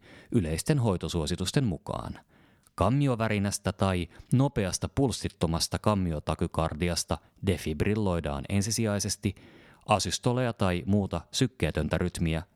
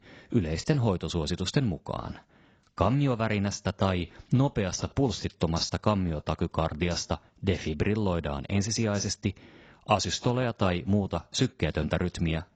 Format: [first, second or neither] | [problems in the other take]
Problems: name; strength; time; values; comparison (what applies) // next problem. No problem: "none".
first | garbled, watery; badly; nothing above 7.5 kHz